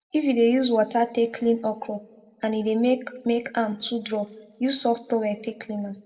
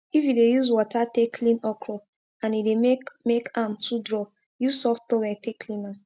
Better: second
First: room echo; dies away in 0.8 s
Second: none

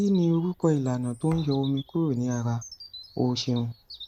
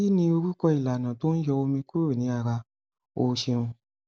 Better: second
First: background sound (Thump, thud + Bird vocalization, bird call, bird song); 20 dB below the speech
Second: none

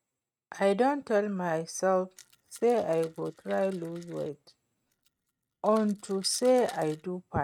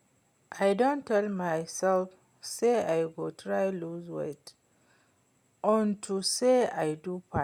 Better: second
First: noise reduction (neural mask model RNNoise)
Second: none

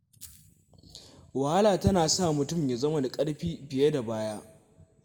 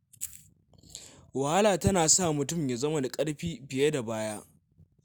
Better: second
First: room echo; dies away in 1 s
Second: none

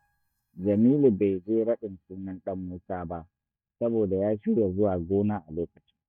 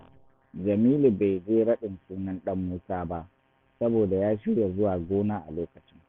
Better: second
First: noise reduction (neural mask model DeepFilterNet 3)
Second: none

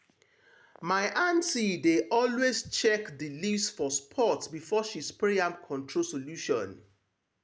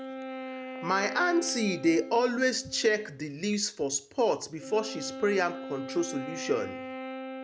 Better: first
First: none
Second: background sound (Wind instrument, woodwind instrument); 11 dB below the speech

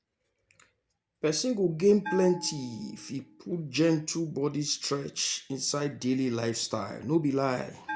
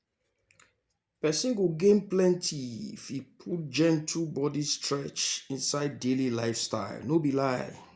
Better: second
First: background sound (Bell); 18 dB below the speech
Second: none

